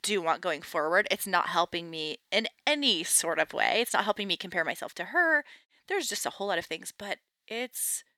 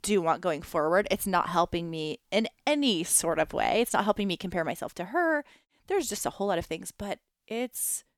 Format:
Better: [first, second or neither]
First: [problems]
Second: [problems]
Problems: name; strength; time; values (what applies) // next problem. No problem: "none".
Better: second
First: thin; very slightly; fading below 400 Hz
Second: none